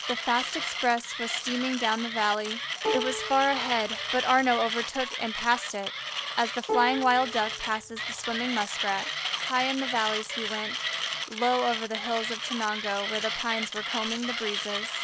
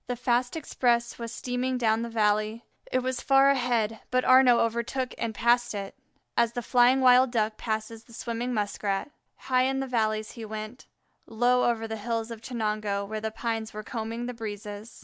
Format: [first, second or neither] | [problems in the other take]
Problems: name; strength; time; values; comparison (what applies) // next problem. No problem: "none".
second | background sound (Plucked string instrument + Mechanisms); 3 dB below the speech